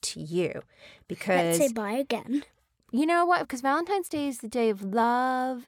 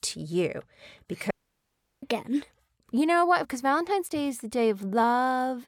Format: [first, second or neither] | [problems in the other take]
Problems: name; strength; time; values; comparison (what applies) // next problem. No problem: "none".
first | audio cutting out; at 1.5 s for 0.5 s